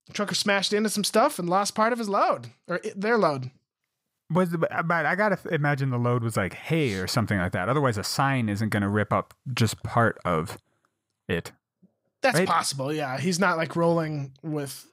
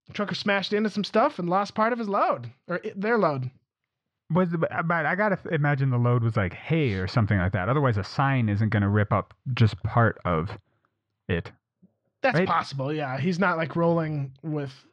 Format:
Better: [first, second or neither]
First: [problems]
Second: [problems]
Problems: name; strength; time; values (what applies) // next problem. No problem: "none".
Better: first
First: none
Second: muffled; slightly; fading above 3.5 kHz